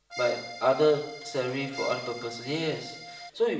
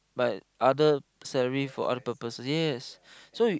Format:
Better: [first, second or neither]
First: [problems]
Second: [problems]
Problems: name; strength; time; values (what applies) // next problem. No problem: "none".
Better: second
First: background sound (Accordion); 12 dB below the speech // room echo; dies away in 0.8 s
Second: none